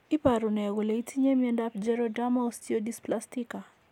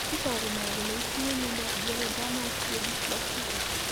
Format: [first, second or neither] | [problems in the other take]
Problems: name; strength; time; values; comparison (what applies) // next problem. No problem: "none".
first | background sound (Rain); 5 dB above the speech